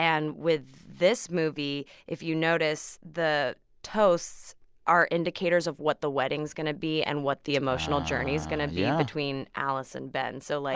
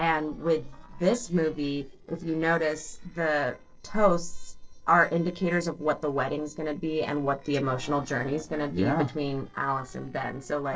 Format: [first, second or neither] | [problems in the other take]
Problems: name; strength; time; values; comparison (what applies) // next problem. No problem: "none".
first | noise reduction (neural separator model SepFormer DNS4)